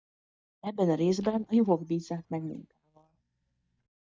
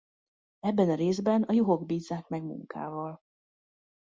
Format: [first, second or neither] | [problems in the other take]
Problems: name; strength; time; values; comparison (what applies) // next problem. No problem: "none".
second | noise reduction (neural mask model DeepFilterNet 3)